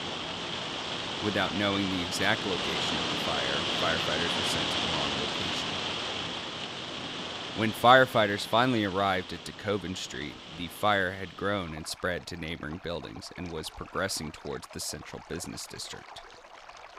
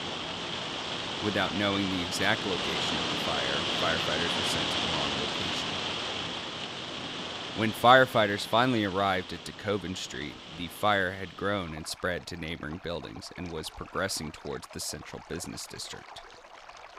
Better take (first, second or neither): neither